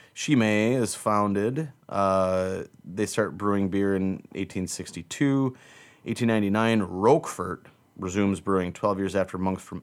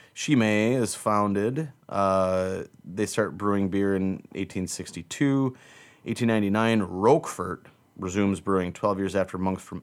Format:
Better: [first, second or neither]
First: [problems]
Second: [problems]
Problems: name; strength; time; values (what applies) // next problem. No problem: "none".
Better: neither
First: none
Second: none